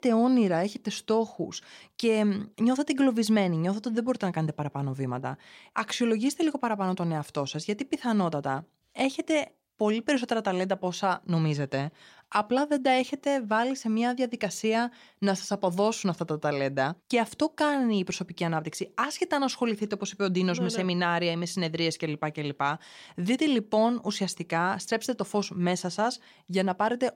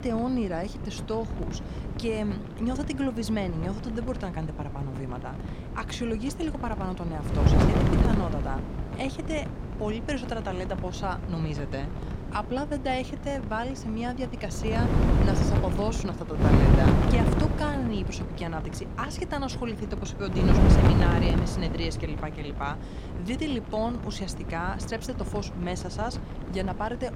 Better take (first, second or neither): first